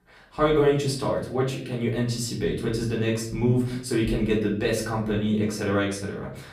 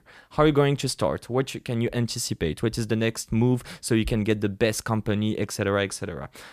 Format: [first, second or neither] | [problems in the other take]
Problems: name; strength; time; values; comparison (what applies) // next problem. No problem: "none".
second | off-mic speech; far // room echo; slight; dies away in 0.5 s